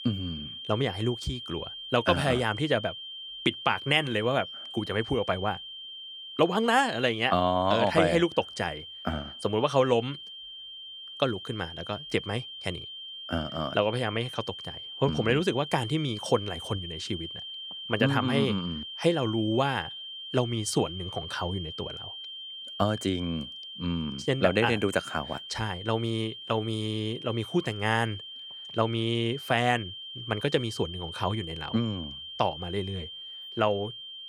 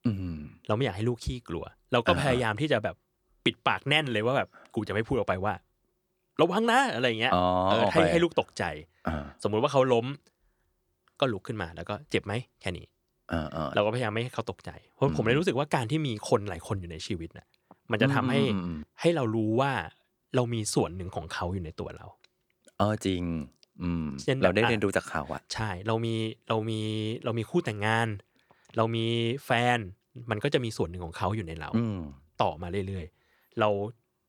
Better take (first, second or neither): second